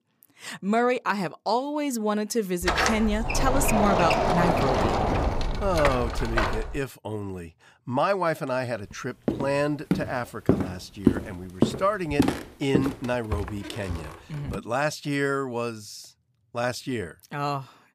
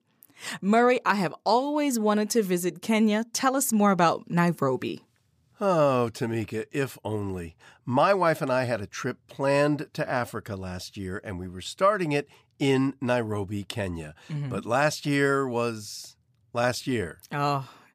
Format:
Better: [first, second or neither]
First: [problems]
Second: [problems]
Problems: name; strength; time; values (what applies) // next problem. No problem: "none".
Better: second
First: door banging; loud; from 2.5 to 7 s; peak 5 dB above the speech // footsteps; loud; from 9.5 to 15 s; peak 3 dB above the speech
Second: none